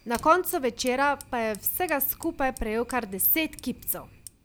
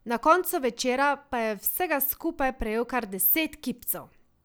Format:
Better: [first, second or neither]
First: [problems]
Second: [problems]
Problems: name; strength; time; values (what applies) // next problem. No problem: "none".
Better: second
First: background sound (Fire); 20 dB below the speech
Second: none